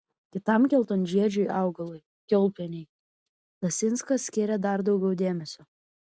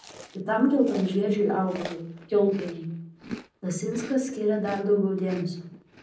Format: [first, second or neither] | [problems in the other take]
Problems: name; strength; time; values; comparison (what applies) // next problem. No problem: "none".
first | background sound (Chewing, mastication); 17 dB below the speech // room echo; dies away in 0.6 s